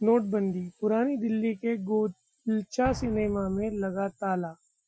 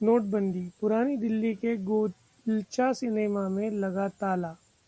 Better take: second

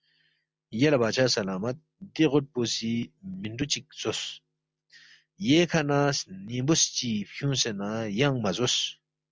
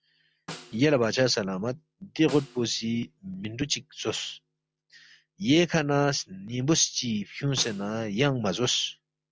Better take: first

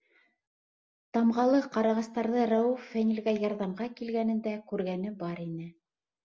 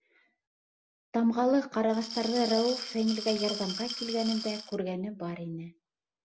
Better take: first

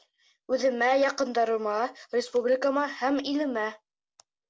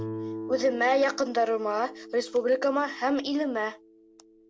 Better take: first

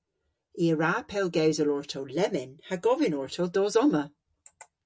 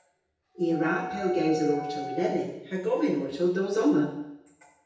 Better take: first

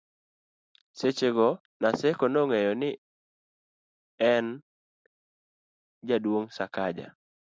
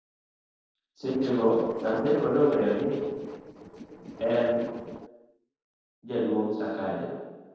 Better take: first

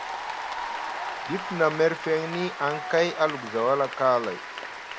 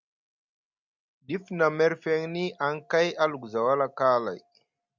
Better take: second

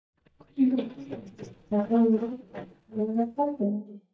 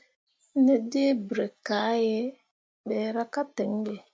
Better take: second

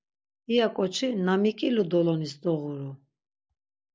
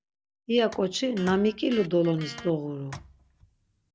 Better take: first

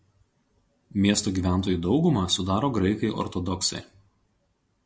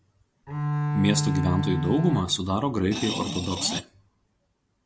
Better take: first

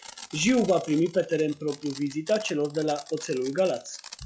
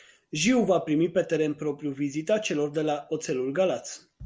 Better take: second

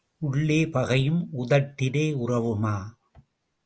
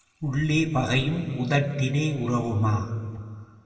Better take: first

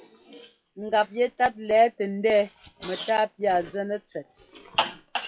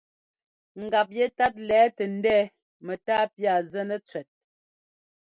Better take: second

